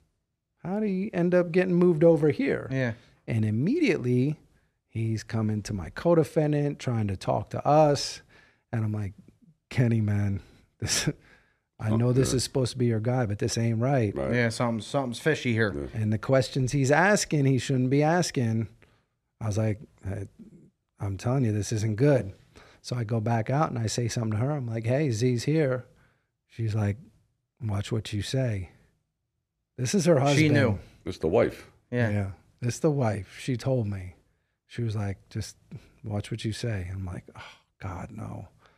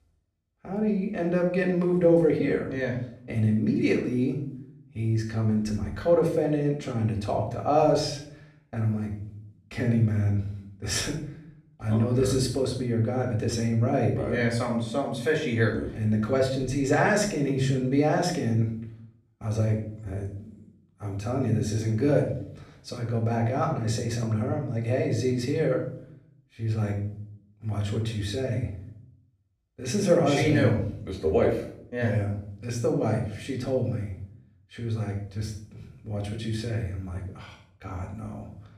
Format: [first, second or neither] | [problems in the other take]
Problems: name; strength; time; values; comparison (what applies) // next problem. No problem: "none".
first | off-mic speech; far // room echo; slight; dies away in 0.5 s